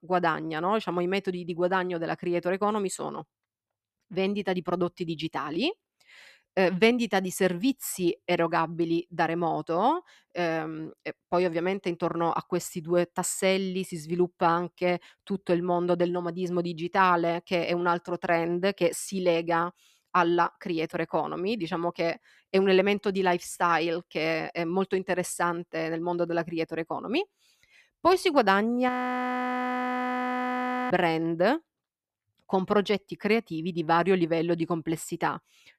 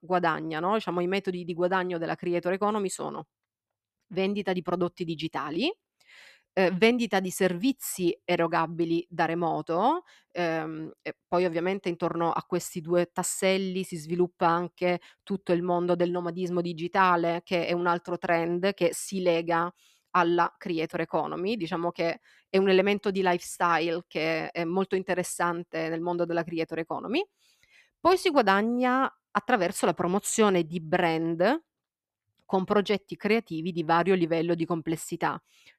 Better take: second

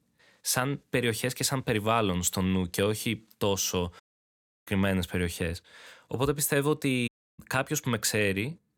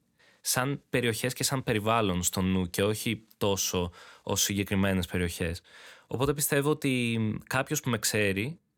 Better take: second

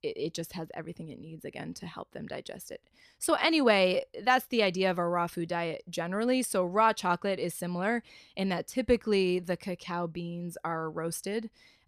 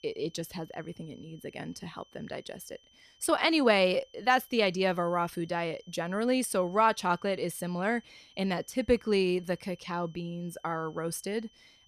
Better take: first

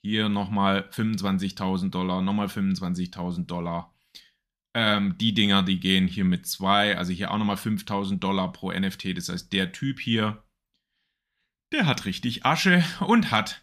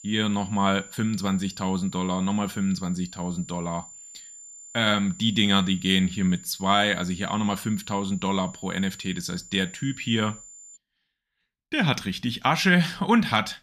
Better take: first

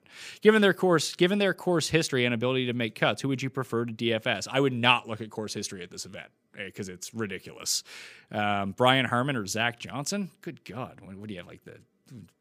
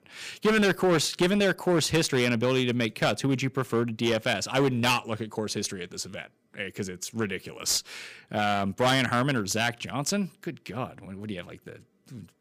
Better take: first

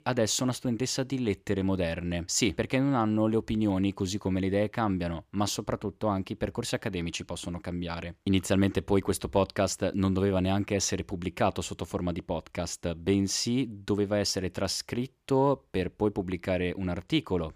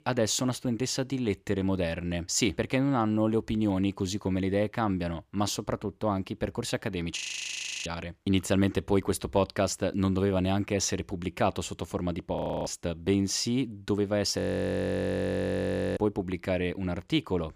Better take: first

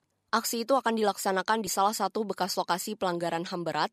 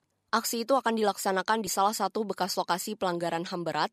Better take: neither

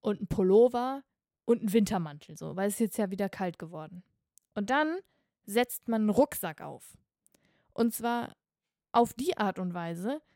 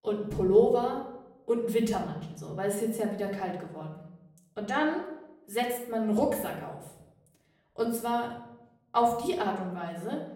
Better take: first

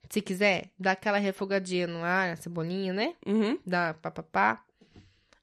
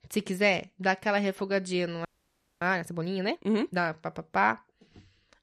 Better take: first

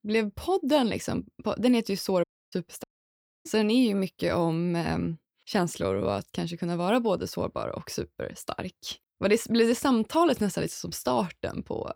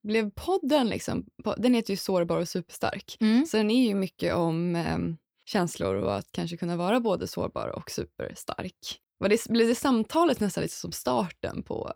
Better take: second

